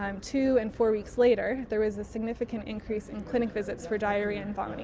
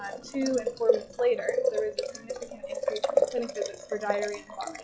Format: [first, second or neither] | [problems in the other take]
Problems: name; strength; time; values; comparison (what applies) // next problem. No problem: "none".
first | noise reduction (classical method log-MMSE)